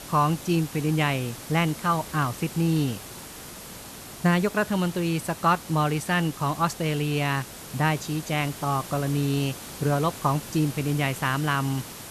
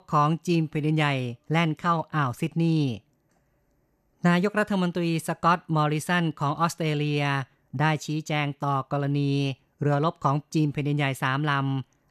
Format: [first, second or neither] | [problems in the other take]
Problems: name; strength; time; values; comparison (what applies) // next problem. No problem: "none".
second | hiss; noticeable; throughout; 15 dB below the speech